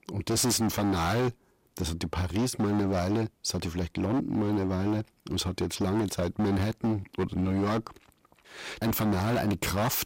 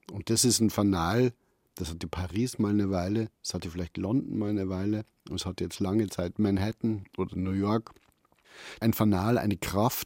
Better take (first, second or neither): second